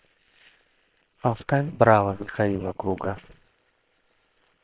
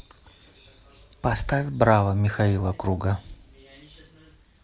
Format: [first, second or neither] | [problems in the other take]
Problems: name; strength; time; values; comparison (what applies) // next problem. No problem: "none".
second | noise reduction (neural separator model SepFormer WHAM!)